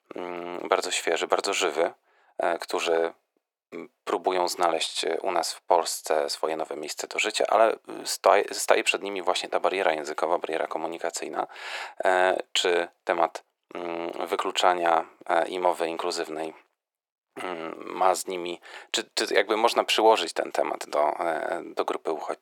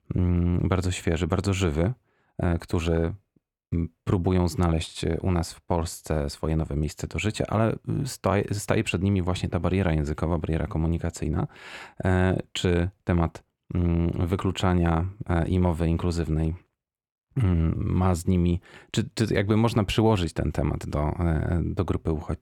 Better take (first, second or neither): second